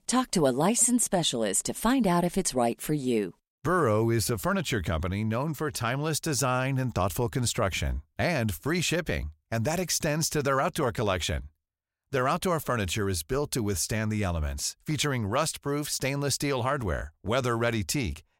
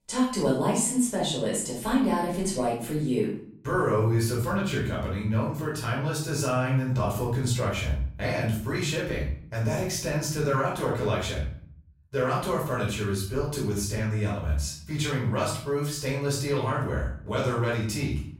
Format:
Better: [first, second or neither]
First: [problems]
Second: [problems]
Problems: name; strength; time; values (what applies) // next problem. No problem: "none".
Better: first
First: none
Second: off-mic speech; far // room echo; noticeable; dies away in 0.5 s